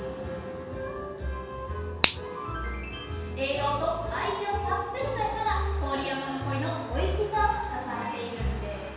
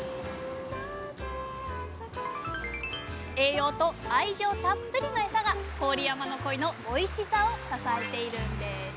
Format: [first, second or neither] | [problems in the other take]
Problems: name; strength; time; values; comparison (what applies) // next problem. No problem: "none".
second | background sound (Finger snapping); 3 dB below the speech // room echo; dies away in 1.2 s